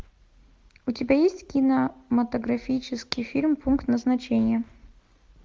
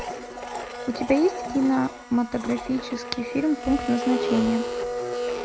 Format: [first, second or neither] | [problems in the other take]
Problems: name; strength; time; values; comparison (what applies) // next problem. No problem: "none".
first | background sound (Domestic sounds, home sounds); 6 dB below the speech